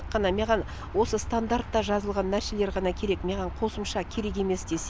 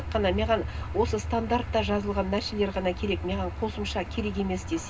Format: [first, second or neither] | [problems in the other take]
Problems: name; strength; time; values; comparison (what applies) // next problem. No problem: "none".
first | background sound (Engine); 15 dB below the speech // room echo; dies away in 0.2 s